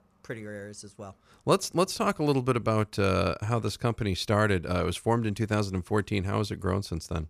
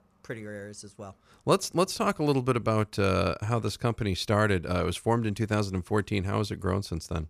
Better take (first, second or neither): neither